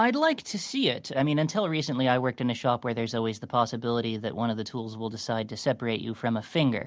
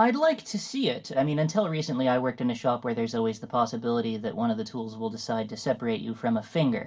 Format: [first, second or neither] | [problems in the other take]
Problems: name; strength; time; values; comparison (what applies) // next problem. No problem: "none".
first | room echo; dies away in 0.2 s